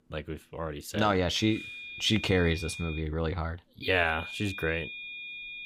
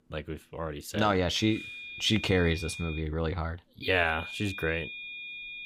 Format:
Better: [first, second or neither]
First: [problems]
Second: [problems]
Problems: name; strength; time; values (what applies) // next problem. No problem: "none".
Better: neither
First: high-pitched whine; loud; from 1.5 to 3 s and from 4 s on; 2.5 kHz, 10 dB below the speech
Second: high-pitched whine; loud; from 1.5 to 3 s and from 4 s on; 2.5 kHz, 10 dB below the speech